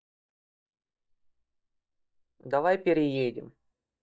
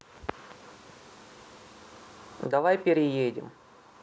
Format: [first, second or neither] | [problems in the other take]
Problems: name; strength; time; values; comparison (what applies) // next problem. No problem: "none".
second | noise reduction (neural mask model DeepFilterNet 3)